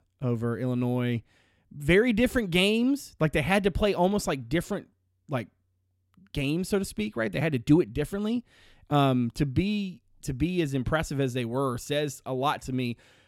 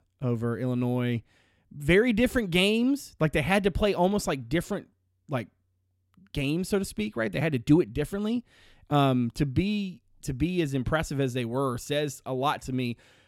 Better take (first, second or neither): neither